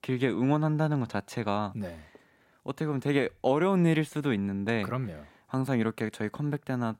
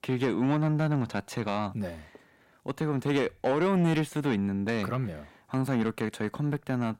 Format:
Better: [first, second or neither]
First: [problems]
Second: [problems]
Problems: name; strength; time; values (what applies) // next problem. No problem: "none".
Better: first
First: none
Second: distortion; slight; 10 dB below the speech